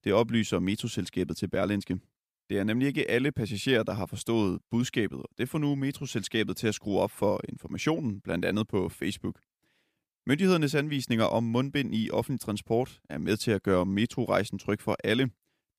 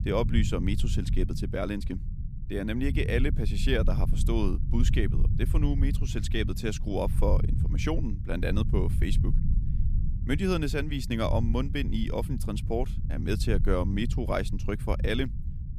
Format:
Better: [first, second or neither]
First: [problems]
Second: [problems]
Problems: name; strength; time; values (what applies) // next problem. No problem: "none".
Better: first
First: none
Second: low rumble; noticeable; throughout; 10 dB below the speech